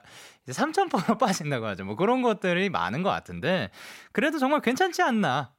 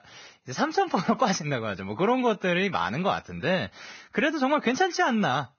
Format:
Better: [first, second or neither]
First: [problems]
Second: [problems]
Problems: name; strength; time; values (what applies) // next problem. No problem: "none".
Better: first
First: none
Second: garbled, watery; badly; nothing above 6.5 kHz